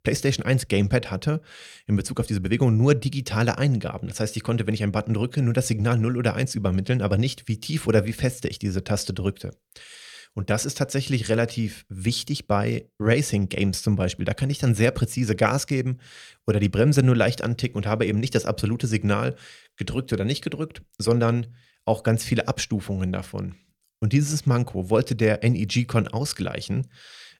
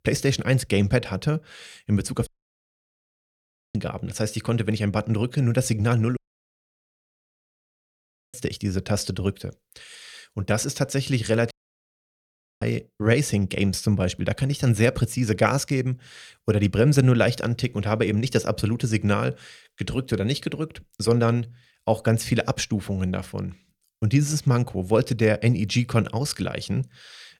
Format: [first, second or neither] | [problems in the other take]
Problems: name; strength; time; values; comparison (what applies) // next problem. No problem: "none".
first | audio cutting out; at 2.5 s for 1.5 s, at 6 s for 2 s and at 12 s for 1 s